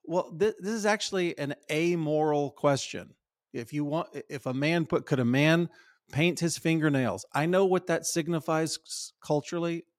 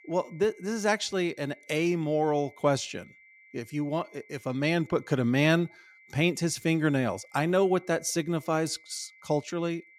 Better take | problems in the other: first | high-pitched whine; faint; throughout; 2 kHz, 25 dB below the speech

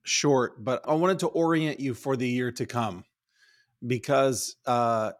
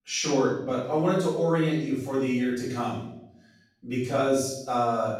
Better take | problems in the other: first | room echo; noticeable; dies away in 0.7 s // off-mic speech; far

